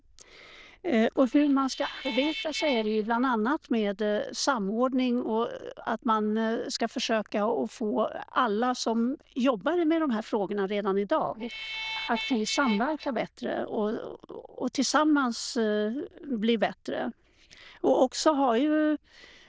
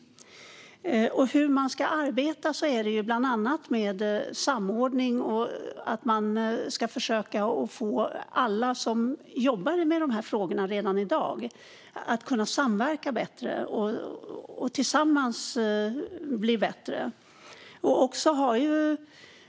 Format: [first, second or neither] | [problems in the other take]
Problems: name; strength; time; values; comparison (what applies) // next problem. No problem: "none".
second | noise reduction (neural diffusion model UNIVERSE++)